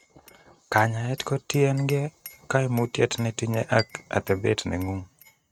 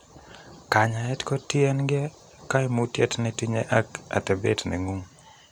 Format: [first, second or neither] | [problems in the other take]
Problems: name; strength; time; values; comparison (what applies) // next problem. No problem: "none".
second | noise reduction (neural mask model RNNoise)